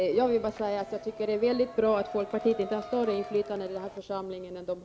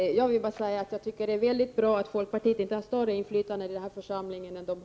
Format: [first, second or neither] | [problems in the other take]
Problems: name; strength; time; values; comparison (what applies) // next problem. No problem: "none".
second | background sound (Crowd); 14 dB below the speech